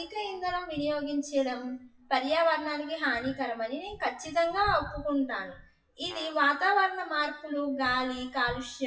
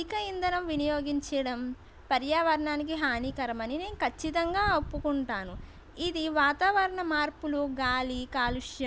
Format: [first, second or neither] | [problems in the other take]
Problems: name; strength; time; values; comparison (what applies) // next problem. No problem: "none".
second | noise reduction (classical method WPE with log-MMSE)